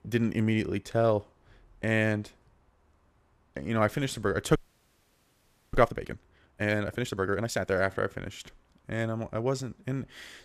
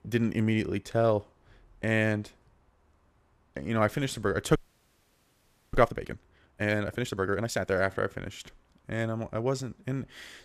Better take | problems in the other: neither | audio freezing; at 4.5 s for 1 s; the same in both

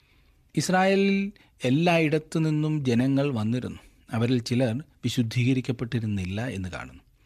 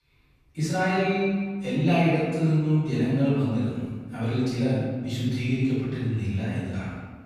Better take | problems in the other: first | room echo; strong; dies away in 1.5 s // off-mic speech; far

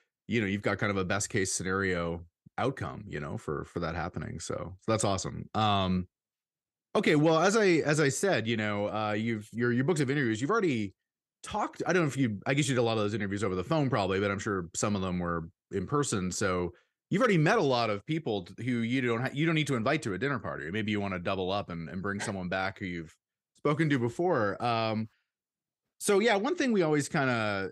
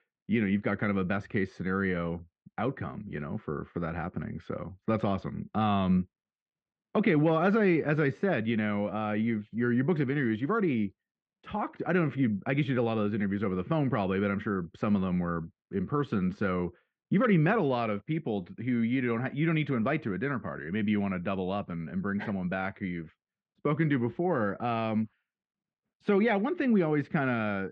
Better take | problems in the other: first | muffled; very; fading above 3 kHz

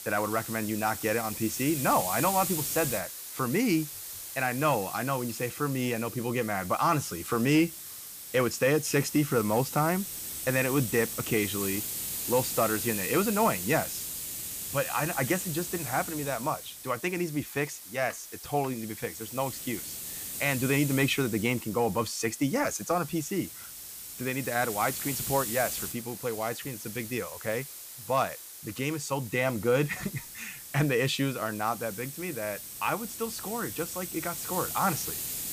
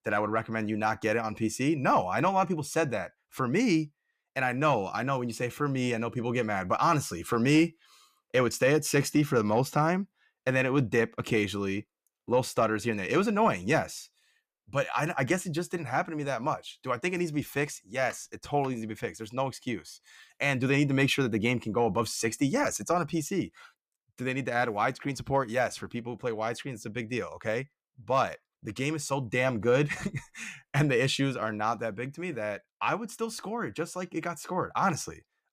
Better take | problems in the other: second | hiss; loud; throughout; 6 dB below the speech

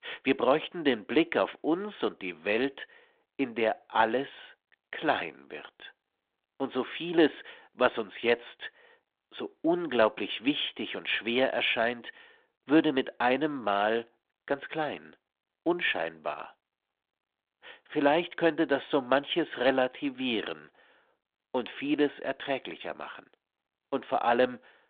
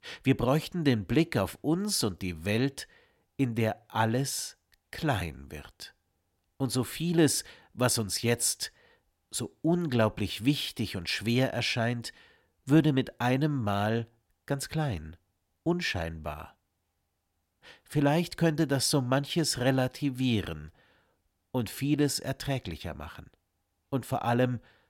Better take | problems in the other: second | phone-call audio

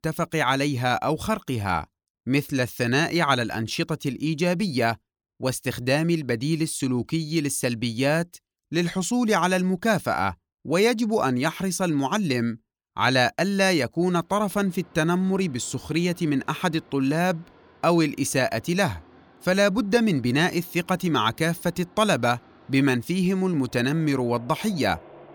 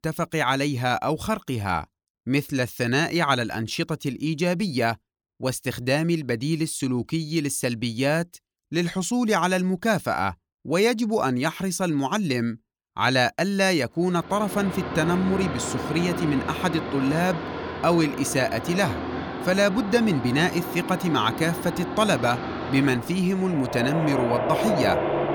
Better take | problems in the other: first | machinery noise; loud; from 14 s on; 6 dB below the speech; faint in the first

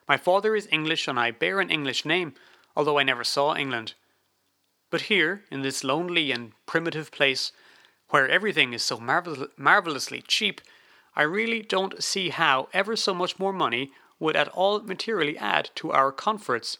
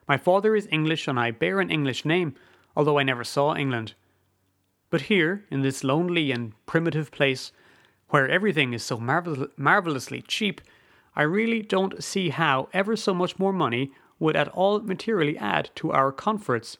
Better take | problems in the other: second | thin; somewhat; fading below 550 Hz

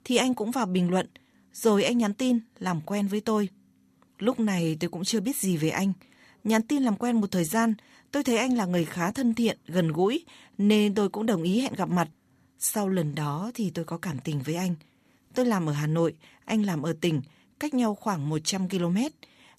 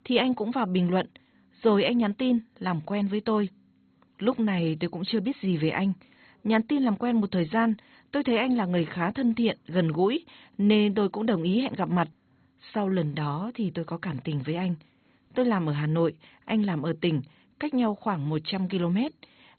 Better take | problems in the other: first | garbled, watery; badly; nothing above 4 kHz

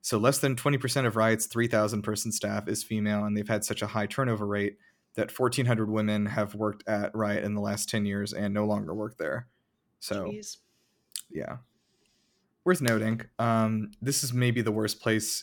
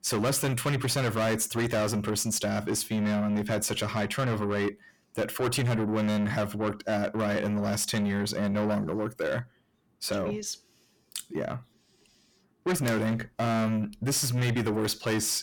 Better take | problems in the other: first | distortion; heavy; 7 dB below the speech

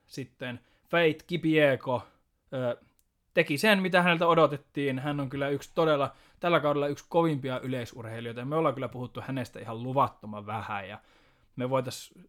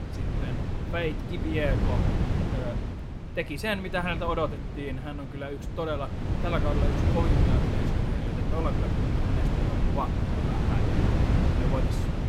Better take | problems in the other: first | wind noise on the microphone; heavy; 2 dB below the speech

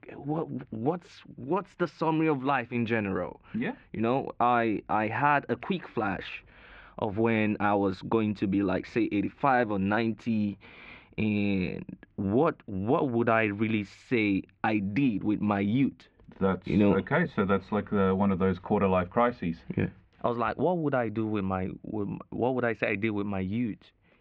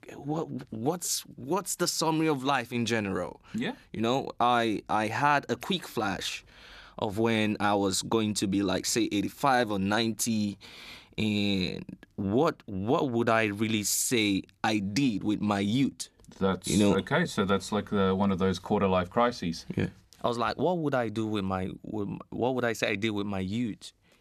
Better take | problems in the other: second | muffled; very; fading above 2.5 kHz

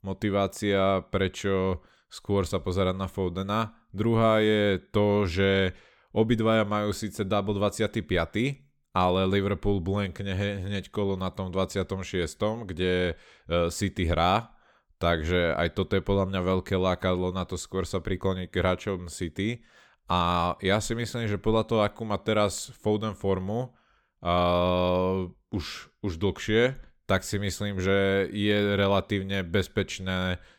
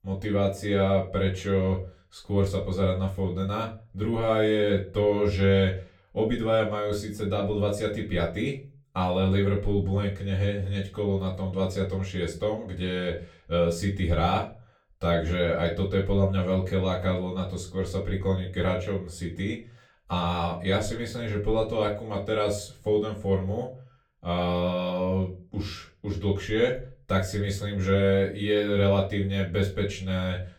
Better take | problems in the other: first | off-mic speech; far // room echo; very slight; dies away in 0.3 s

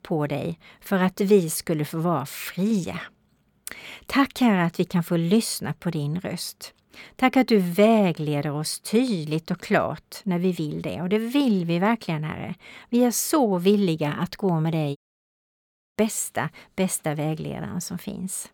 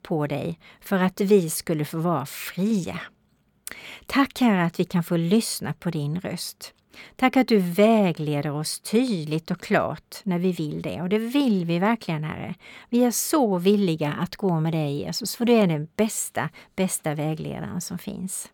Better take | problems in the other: second | audio cutting out; at 15 s for 1 s

